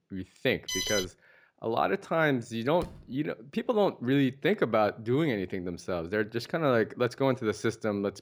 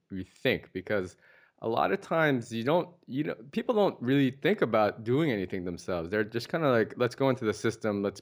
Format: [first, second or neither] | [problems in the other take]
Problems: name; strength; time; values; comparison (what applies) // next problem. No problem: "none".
second | alarm; noticeable; at 0.5 s; peak 1 dB below the speech // door banging; faint; at 3 s; peak 15 dB below the speech